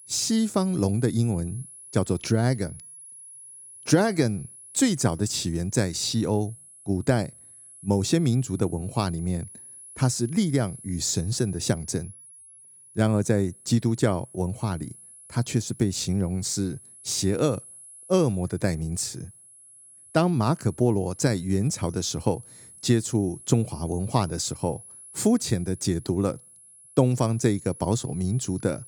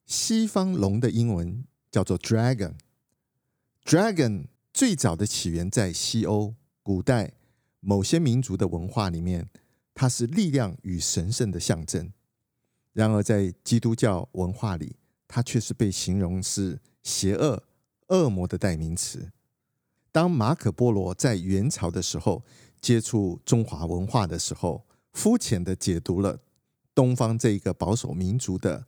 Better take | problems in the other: second | high-pitched whine; noticeable; throughout; 10.5 kHz, 20 dB below the speech

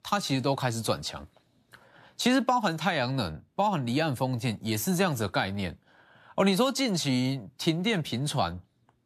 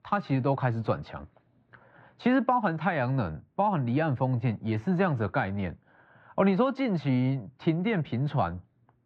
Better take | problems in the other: first | muffled; very; fading above 2 kHz

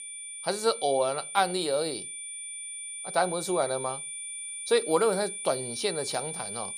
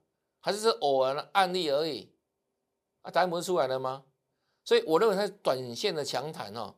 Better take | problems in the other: second | high-pitched whine; loud; throughout; 9 kHz, 7 dB below the speech

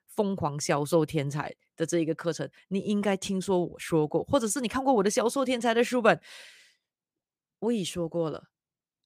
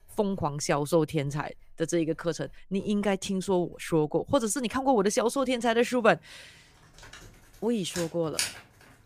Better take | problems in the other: first | household noises; loud; throughout; 8 dB below the speech

